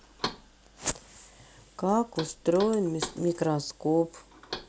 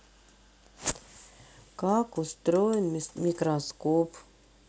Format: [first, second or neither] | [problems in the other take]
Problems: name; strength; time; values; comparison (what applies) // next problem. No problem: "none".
second | background sound (Knock); 13 dB below the speech